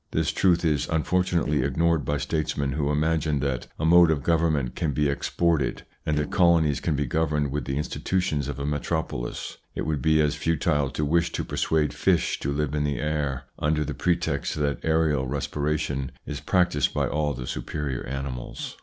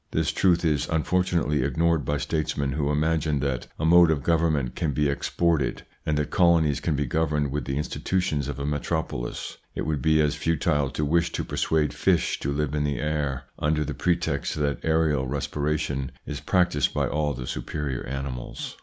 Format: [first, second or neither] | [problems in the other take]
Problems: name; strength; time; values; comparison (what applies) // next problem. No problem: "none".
second | noise reduction (neural separator model SepFormer DNS4)